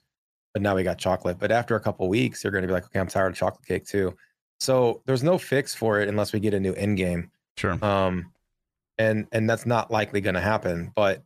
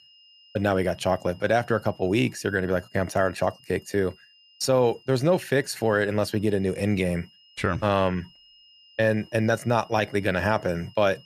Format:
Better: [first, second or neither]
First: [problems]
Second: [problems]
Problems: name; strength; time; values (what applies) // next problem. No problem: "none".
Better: first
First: none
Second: high-pitched whine; faint; throughout; 3 kHz, 25 dB below the speech